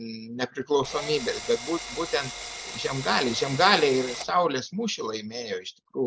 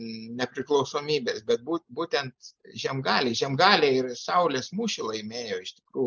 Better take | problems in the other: second | background sound (Drill); 10 dB below the speech

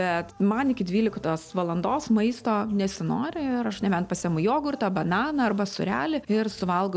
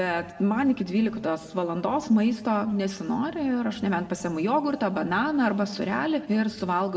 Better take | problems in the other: first | room echo; dies away in 0.9 s

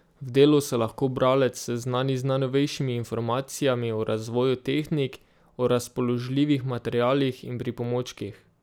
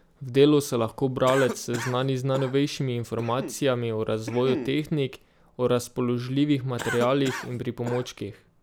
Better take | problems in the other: first | background sound (Cough); 13 dB below the speech

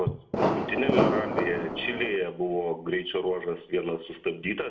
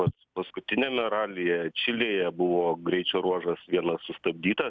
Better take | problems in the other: second | background sound (Fireworks); 3 dB above the speech // room echo; dies away in 0.4 s

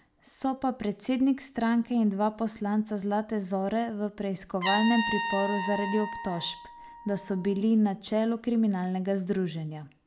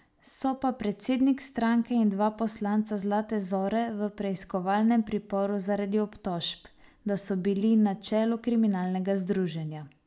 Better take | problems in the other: second | background sound (Trumpet); 10 dB below the speech

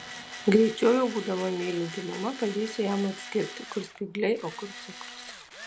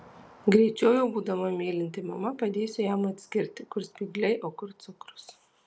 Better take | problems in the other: second | background sound (Tools); 14 dB below the speech

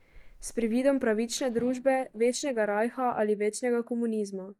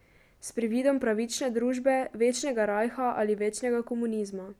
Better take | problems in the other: second | noise reduction (neural mask model DeepFilterNet 3)

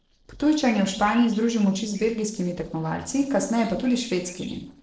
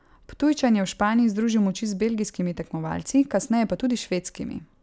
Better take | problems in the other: second | noise reduction (neural separator model SepFormer DNS4)

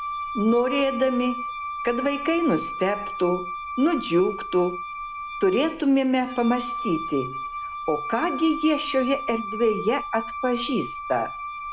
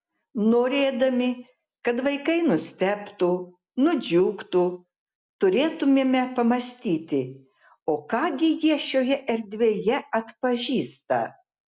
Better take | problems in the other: second | background sound (Wind instrument, woodwind instrument); 8 dB below the speech

